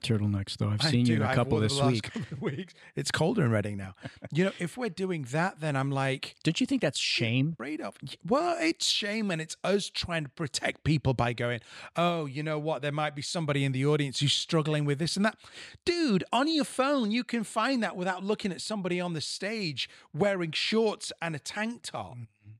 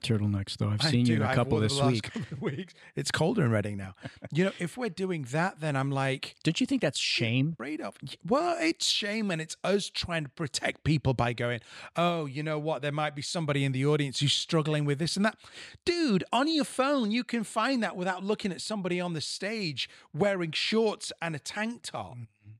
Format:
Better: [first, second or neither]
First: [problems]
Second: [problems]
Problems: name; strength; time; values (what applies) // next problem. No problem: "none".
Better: neither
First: none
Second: none